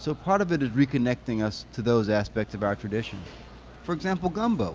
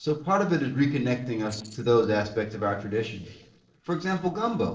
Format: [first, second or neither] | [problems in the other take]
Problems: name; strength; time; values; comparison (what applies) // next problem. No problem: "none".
first | noise reduction (neural separator model SepFormer DNS4)